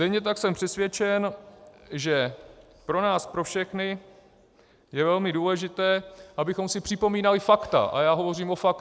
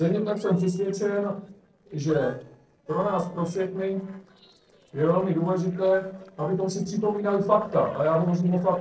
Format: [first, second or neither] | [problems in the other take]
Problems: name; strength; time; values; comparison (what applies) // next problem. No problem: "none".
first | noise reduction (neural separator model SepFormer DNS4)